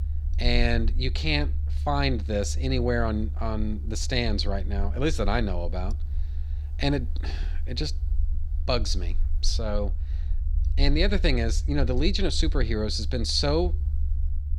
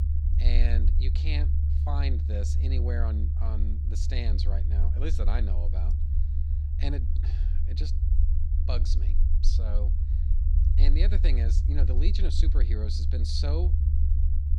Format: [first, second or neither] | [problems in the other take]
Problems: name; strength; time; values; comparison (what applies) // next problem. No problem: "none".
first | low rumble; loud; throughout; 5 dB below the speech; faint in the first